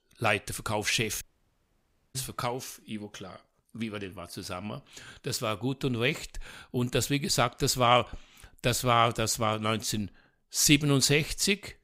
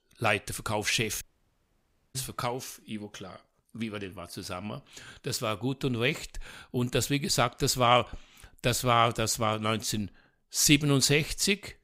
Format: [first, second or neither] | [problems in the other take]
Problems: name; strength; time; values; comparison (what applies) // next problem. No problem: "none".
neither | audio cutting out; at 1 s for 1 s; the same in both